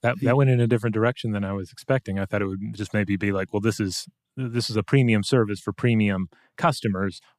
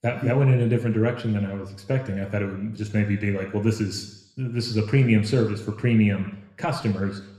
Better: first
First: none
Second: room echo; slight; dies away in 0.8 s

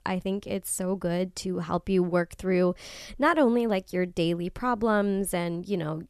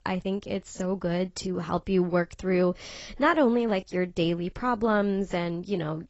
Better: first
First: none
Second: garbled, watery; badly; nothing above 8 kHz

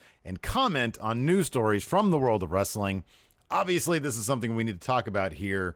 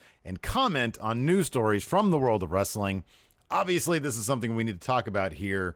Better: neither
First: garbled, watery; slightly; nothing above 17 kHz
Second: garbled, watery; slightly; nothing above 17 kHz

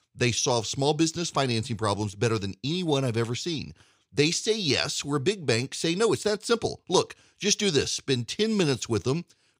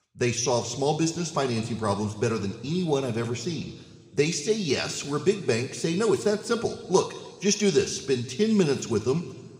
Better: first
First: none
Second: room echo; slight; dies away in 1.5 s

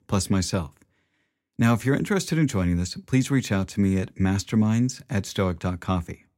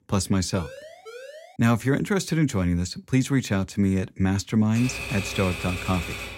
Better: first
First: none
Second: siren; faint; from 0.5 to 1.5 s; peak 15 dB below the speech // keyboard typing; noticeable; from 5 s on; peak 6 dB below the speech

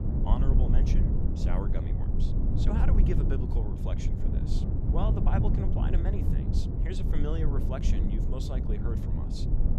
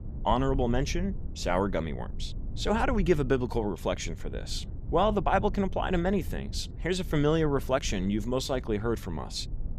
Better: second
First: low rumble; loud; throughout; as loud as the speech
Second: low rumble; faint; throughout; 20 dB below the speech

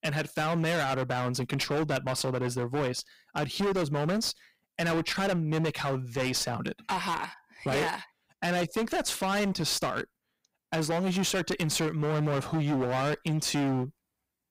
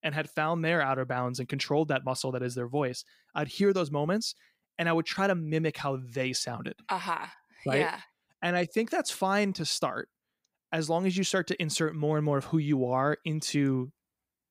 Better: second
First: distortion; heavy; 25% of the sound clipped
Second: none

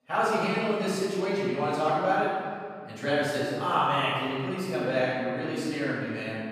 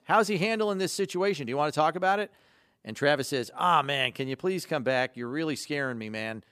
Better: second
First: off-mic speech; far // room echo; strong; dies away in 2.1 s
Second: none

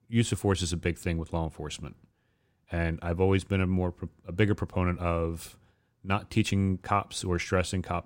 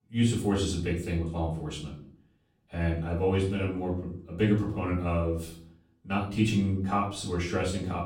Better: first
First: none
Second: room echo; noticeable; dies away in 0.5 s // off-mic speech; far

